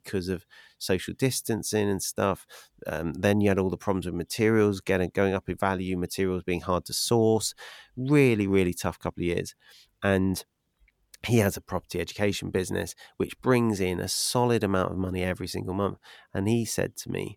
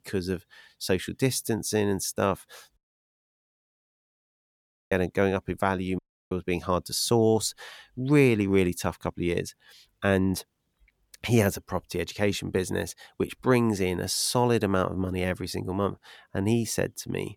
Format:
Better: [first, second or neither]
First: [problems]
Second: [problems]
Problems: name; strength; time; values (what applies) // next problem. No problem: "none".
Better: first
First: none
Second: audio cutting out; at 3 s for 2 s and at 6 s